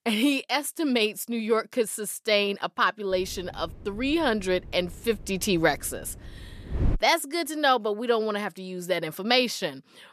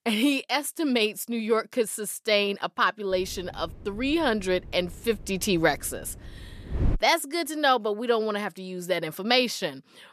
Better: neither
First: wind noise on the microphone; occasional gusts; from 3 to 7 s; 20 dB below the speech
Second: wind noise on the microphone; occasional gusts; from 3 to 7 s; 20 dB below the speech

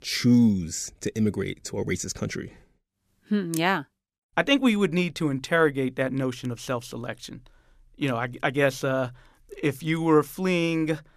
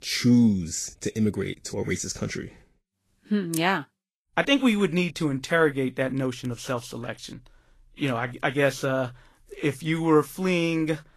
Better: first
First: none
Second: garbled, watery; slightly; nothing above 13.5 kHz

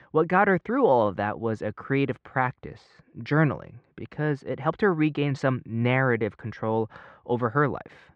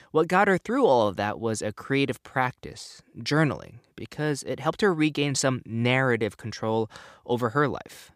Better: second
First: muffled; very; fading above 2 kHz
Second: none

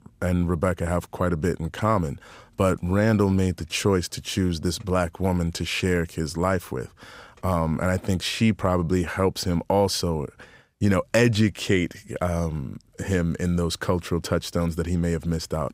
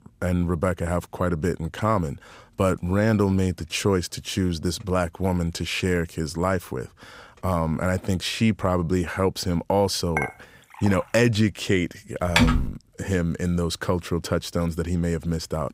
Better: first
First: none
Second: clattering dishes; noticeable; at 10 s; peak 5 dB below the speech // keyboard typing; loud; at 12 s; peak 4 dB above the speech

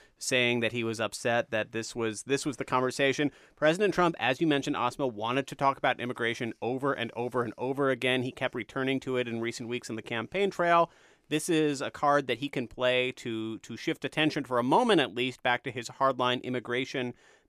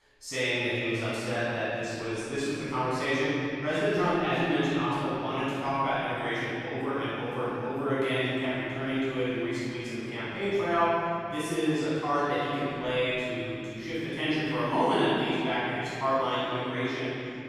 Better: first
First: none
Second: room echo; strong; dies away in 2.8 s // off-mic speech; far

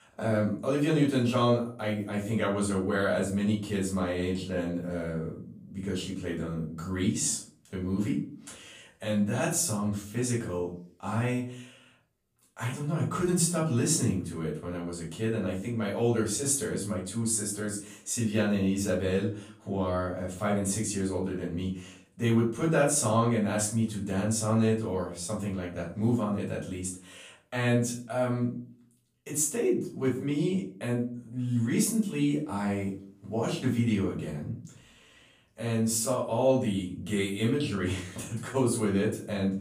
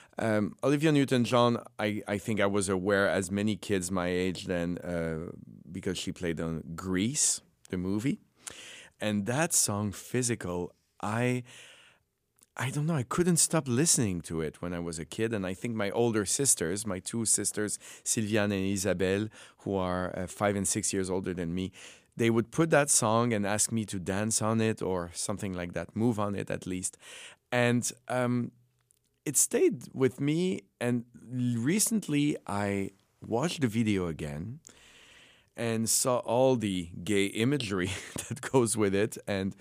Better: second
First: off-mic speech; far // room echo; slight; dies away in 0.4 s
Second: none

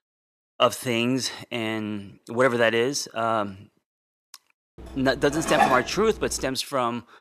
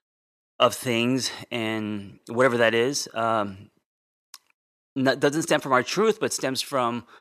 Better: second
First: clattering dishes; loud; at 5.5 s; peak 2 dB above the speech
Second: none

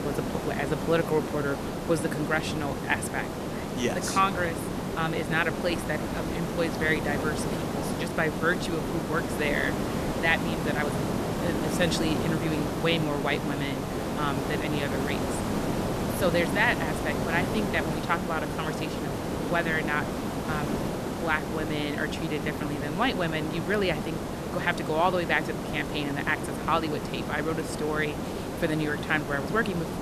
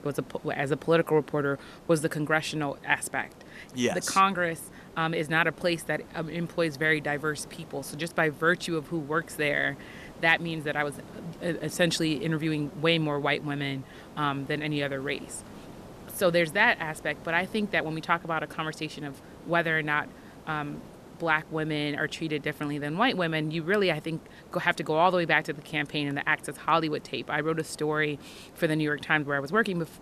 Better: second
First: hiss; loud; throughout; 2 dB below the speech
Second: hiss; faint; throughout; 20 dB below the speech

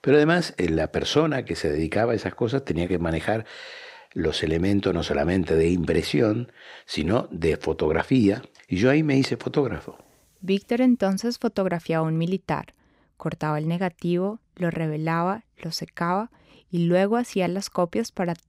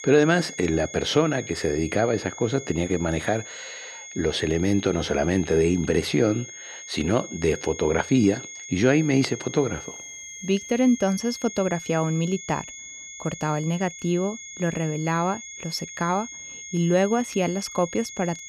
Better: first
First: none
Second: high-pitched whine; noticeable; throughout; 6.5 kHz, 10 dB below the speech

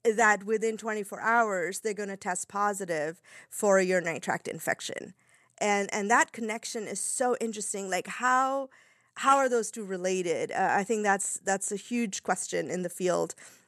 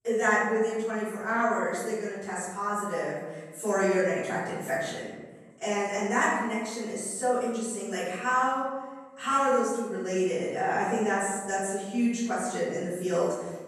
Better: first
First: none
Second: room echo; strong; dies away in 1.3 s // off-mic speech; far

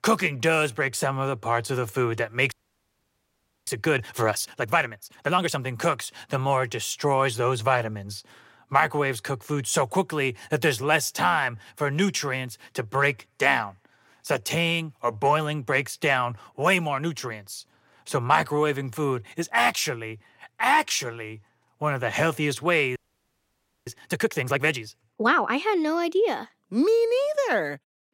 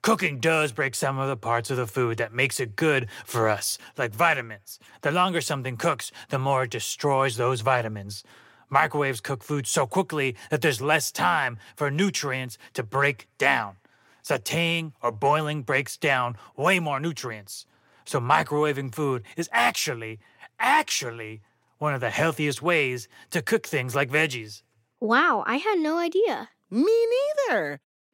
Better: second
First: audio freezing; at 2.5 s for 1 s and at 23 s for 1 s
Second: none

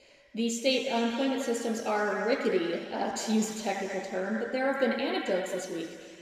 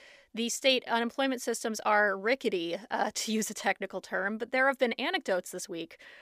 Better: second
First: room echo; noticeable; dies away in 2.2 s // off-mic speech; somewhat distant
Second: none

